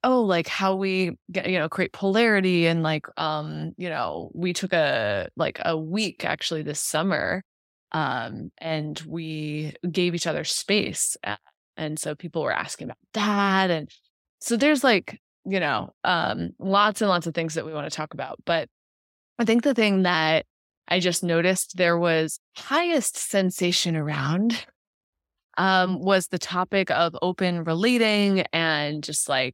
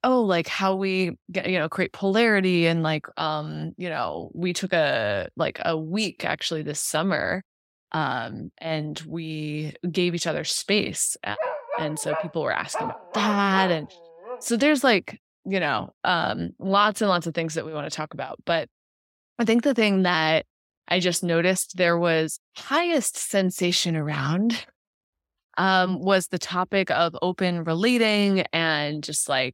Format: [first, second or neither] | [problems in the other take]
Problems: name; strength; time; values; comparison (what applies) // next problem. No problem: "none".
first | dog barking; noticeable; from 11 to 14 s; peak 5 dB below the speech